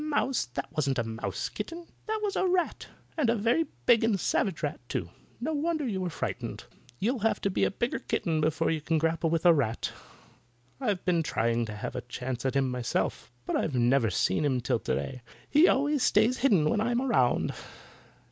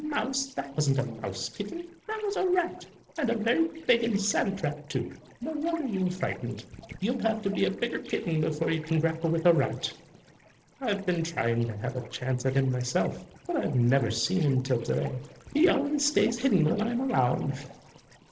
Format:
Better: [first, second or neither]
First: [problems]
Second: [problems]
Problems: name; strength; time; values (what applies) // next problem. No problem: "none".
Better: first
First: none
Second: noise reduction (neural separator model SepFormer DNS4)